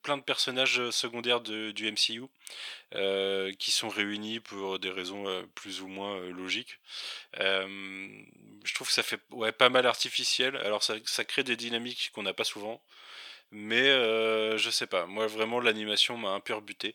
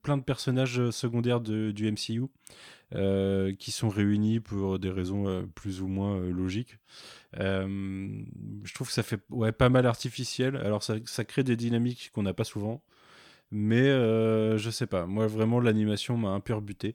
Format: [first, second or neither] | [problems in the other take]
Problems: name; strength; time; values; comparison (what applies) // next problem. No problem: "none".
second | thin; very; fading below 550 Hz